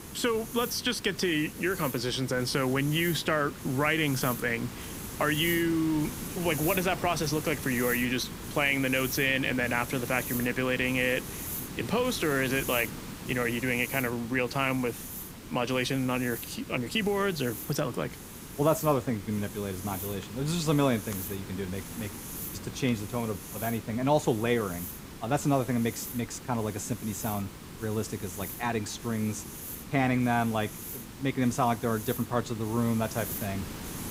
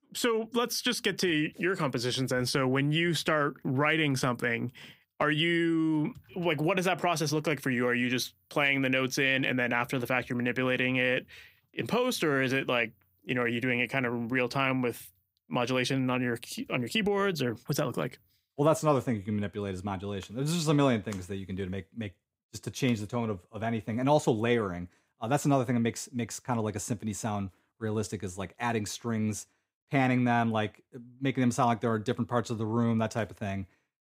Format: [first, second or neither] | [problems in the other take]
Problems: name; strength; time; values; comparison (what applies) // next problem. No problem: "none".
second | hiss; loud; throughout; 9 dB below the speech